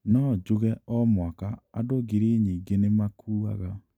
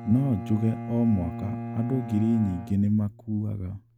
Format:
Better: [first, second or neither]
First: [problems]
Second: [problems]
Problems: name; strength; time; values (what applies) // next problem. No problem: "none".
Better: first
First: none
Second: background sound (Bowed string instrument); 10 dB below the speech